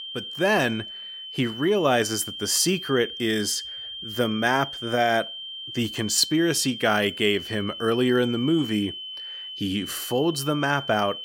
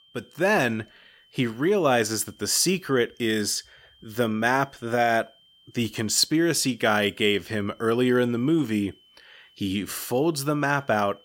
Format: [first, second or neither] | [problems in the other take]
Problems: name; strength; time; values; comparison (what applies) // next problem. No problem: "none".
second | high-pitched whine; loud; throughout; 3 kHz, 10 dB below the speech; faint in the second